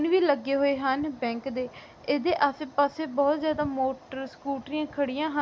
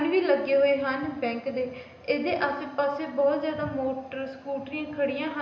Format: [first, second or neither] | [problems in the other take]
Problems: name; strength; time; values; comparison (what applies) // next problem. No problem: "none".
first | room echo; dies away in 0.9 s